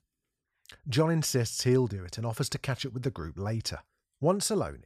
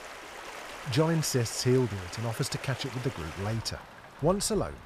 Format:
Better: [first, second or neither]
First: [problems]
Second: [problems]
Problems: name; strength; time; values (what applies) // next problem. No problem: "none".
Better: first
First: none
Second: rain or running water; noticeable; throughout; 15 dB below the speech